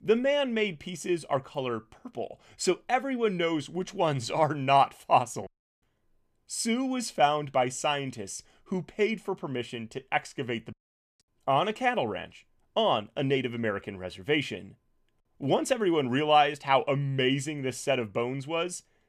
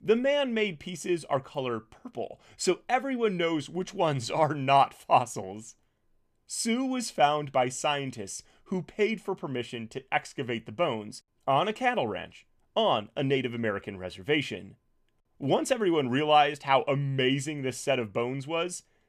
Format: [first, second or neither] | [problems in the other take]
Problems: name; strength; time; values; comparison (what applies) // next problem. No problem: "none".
second | audio cutting out; at 5.5 s and at 11 s